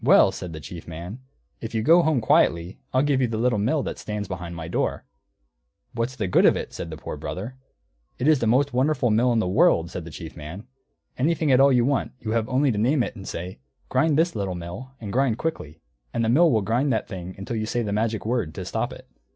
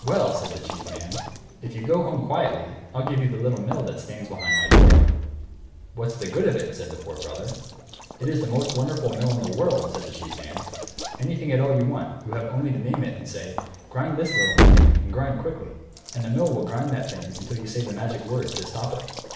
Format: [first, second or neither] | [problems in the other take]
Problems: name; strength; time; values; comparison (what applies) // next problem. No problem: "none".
first | background sound (Walk, footsteps / Slam); 2 dB above the speech // room echo; dies away in 0.9 s